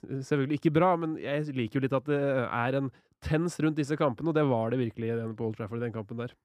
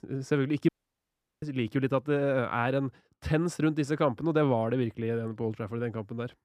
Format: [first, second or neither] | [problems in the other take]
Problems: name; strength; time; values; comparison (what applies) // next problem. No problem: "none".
first | audio cutting out; at 0.5 s for 0.5 s